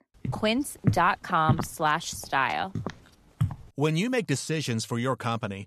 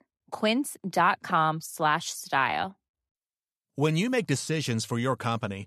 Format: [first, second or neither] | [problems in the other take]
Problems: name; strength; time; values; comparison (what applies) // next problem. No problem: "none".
second | footsteps; noticeable; until 3.5 s; peak 2 dB below the speech